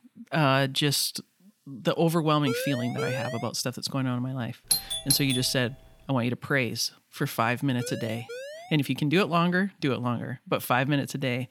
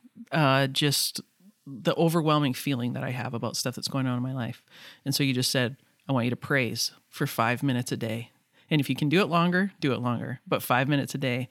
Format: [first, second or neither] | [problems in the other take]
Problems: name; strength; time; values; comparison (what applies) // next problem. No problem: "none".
second | siren; noticeable; from 2.5 to 3.5 s; peak 5 dB below the speech // doorbell; loud; at 4.5 s; peak 2 dB above the speech // siren; faint; at 8 s; peak 10 dB below the speech